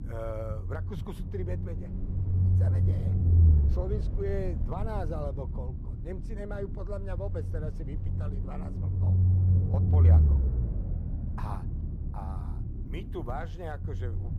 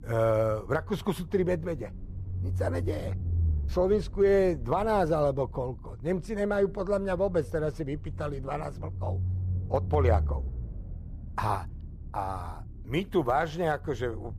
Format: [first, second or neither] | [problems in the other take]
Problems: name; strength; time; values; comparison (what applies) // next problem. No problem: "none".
second | low rumble; loud; throughout; 3 dB below the speech; faint in the second